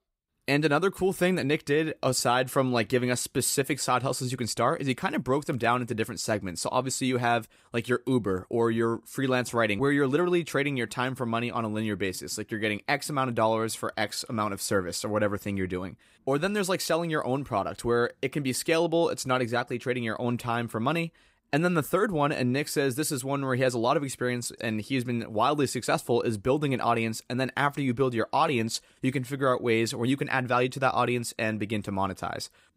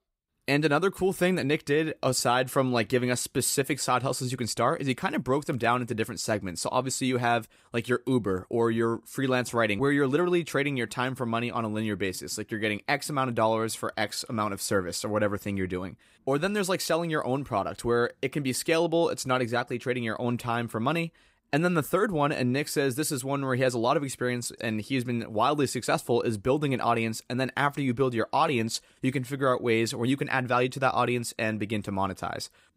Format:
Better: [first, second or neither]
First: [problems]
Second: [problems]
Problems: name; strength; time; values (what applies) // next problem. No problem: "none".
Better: neither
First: none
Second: none